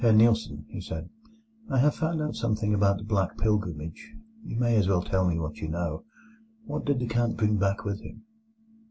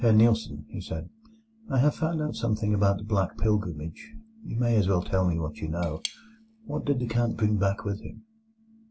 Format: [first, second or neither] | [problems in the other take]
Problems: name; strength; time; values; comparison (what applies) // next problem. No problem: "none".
first | background sound (Cutlery, silverware / Tap); 15 dB below the speech